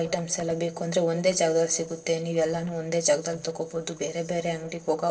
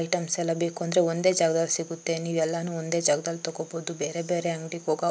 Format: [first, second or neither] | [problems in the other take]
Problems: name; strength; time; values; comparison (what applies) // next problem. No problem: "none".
second | noise reduction (neural separator model SepFormer DNS4)